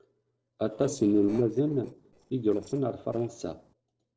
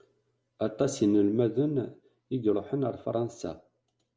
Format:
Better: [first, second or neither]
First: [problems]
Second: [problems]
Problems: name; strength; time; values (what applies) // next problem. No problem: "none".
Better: second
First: noise reduction (neural separator model SepFormer DNS4)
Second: none